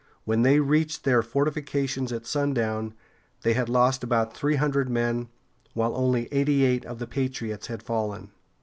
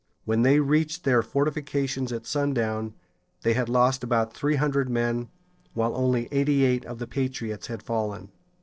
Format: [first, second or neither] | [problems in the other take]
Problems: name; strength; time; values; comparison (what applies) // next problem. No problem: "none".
first | noise reduction (neural separator model SepFormer DNS4)